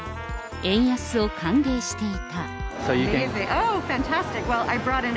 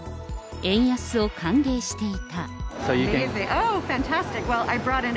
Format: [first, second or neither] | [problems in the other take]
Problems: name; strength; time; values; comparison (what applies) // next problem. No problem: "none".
second | background sound (Trumpet); 14 dB below the speech